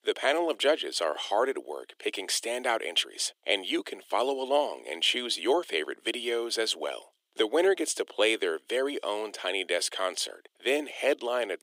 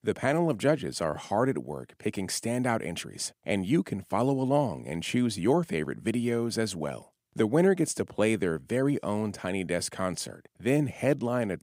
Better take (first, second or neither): second